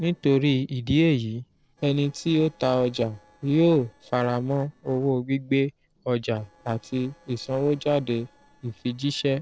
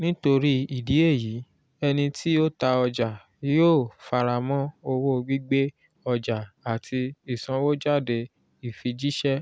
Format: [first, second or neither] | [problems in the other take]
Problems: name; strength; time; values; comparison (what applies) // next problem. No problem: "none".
second | noise reduction (neural separator model SepFormer DNS4)